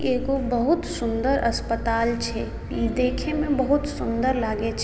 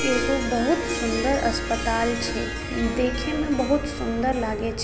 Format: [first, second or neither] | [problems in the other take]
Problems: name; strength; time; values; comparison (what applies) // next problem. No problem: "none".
first | background sound (Harp); 7 dB below the speech